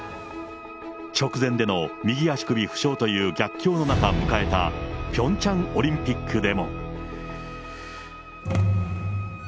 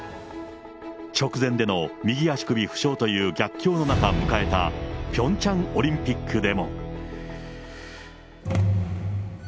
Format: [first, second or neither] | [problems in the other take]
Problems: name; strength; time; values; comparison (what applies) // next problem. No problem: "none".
second | background sound (Wind instrument, woodwind instrument); 18 dB below the speech